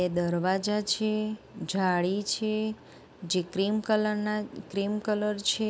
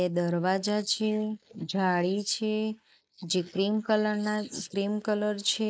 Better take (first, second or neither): first